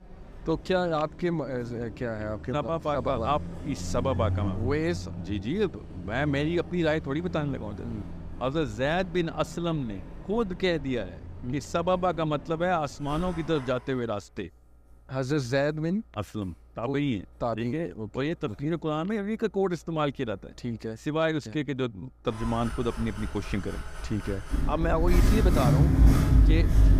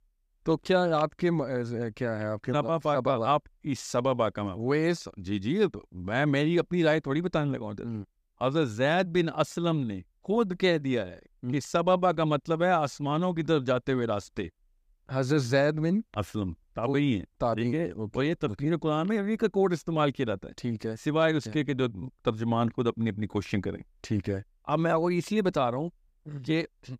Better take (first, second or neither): second